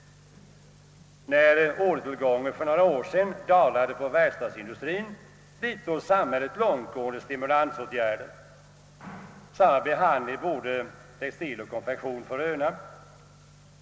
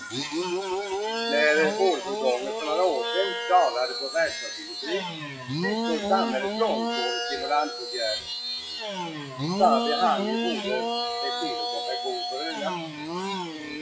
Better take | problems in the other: first | noise reduction (classical method WPE with log-MMSE)

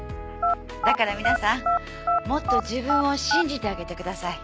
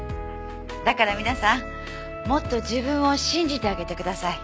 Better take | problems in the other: second | background sound (Telephone); 2 dB above the speech

